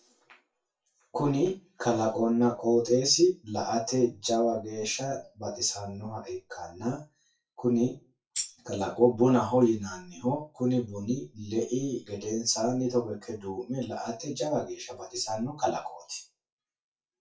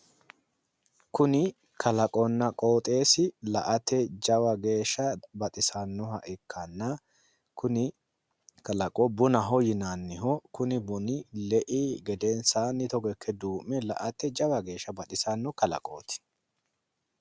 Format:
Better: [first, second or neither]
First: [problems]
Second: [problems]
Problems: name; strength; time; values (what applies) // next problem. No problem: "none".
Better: second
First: noise reduction (classical method WPE with log-MMSE)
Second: none